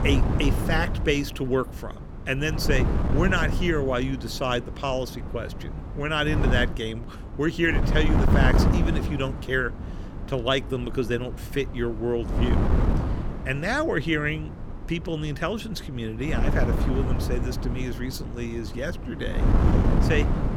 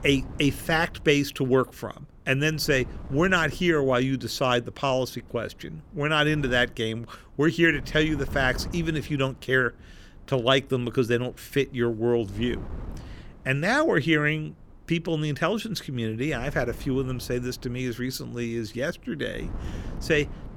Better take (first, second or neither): second